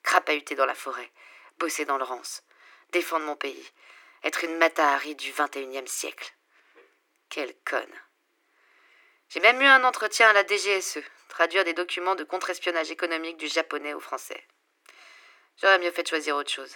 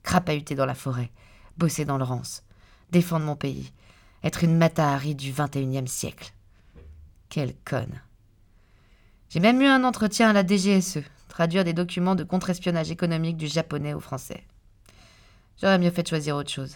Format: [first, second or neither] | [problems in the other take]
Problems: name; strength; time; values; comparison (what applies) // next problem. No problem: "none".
second | thin; very; fading below 300 Hz